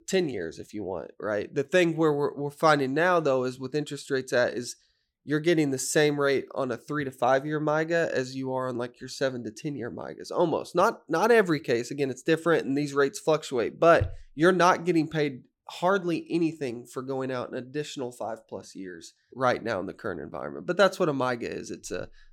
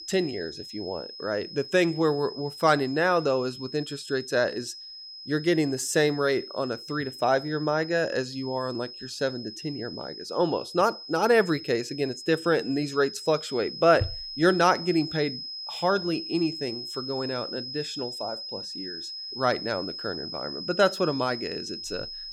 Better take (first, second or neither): first